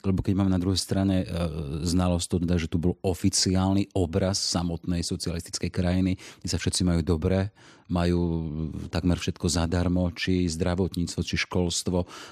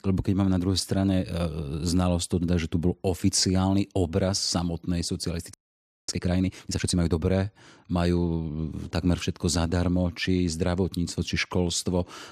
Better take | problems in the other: first | audio freezing; at 5.5 s for 0.5 s

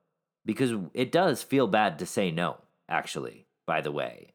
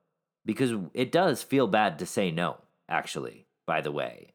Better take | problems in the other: neither | none

